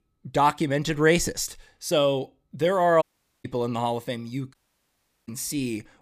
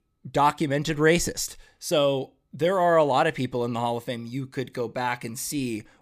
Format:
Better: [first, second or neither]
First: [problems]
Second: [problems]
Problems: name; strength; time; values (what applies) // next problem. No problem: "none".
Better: second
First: audio cutting out; at 3 s and at 4.5 s for 0.5 s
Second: none